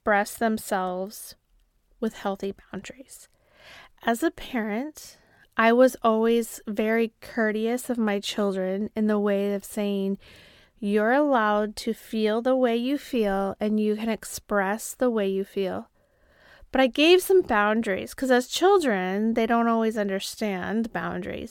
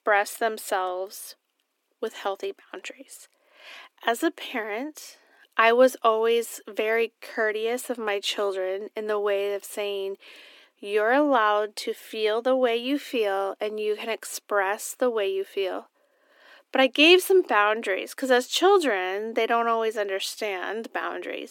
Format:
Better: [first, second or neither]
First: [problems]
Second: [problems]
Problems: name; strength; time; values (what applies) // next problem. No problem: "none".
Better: first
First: none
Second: thin; somewhat; fading below 250 Hz